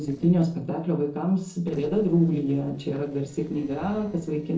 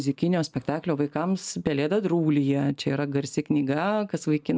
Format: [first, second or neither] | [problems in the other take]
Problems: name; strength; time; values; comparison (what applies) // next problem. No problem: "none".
second | noise reduction (neural separator model SepFormer DNS4)